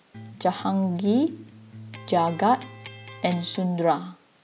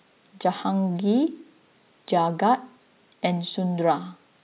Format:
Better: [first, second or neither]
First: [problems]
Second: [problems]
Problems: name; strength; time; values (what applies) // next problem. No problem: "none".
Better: second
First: background sound (Electric guitar); 17 dB below the speech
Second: none